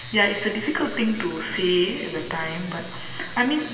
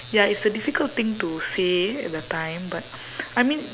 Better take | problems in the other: second | room echo; dies away in 2.5 s

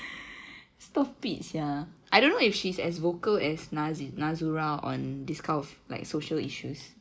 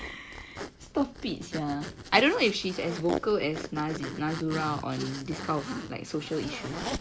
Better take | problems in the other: first | background sound (Zipper (clothing)); 8 dB below the speech

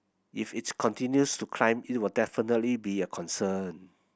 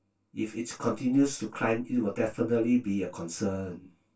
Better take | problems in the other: first | room echo; dies away in 0.2 s

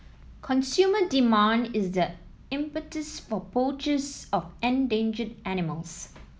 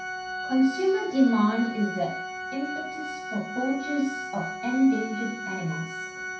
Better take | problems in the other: first | background sound (Organ); 8 dB below the speech // room echo; dies away in 0.6 s

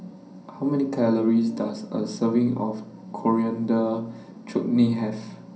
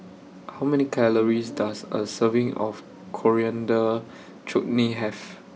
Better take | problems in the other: second | room echo; dies away in 0.6 s

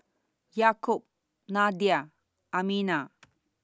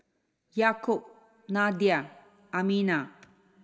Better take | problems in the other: first | room echo; dies away in 1.3 s

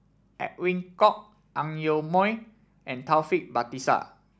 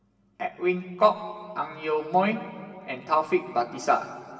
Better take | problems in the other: first | room echo; dies away in 2.5 s

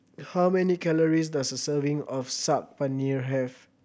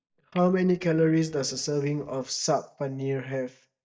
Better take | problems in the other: first | noise reduction (neural mask model DeepFilterNet 3)

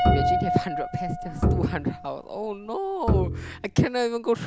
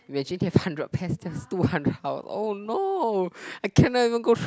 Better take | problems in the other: second | background sound (Bowed string instrument + Piano); 1 dB above the speech

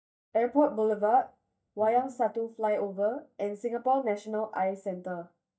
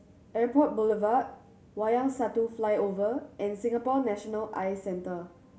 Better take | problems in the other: second | noise reduction (neural mask model DeepFilterNet 3)

